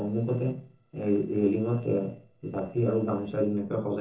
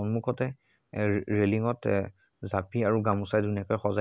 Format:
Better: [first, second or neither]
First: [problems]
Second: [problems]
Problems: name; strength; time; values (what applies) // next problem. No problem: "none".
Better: second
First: noise reduction (neural separator model SepFormer DNS4)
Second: none